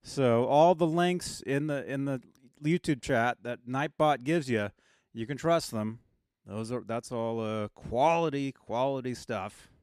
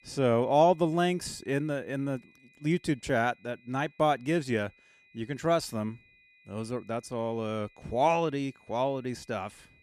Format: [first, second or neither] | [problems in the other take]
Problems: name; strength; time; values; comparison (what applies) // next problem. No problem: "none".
first | high-pitched whine; faint; throughout; 2.5 kHz, 30 dB below the speech